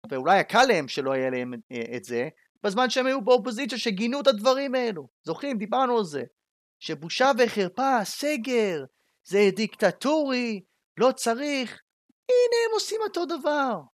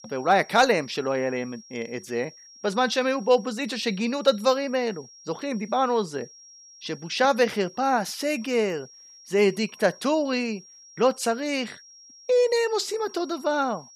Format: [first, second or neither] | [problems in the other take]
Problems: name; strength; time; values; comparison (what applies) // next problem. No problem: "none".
first | high-pitched whine; faint; throughout; 5.5 kHz, 20 dB below the speech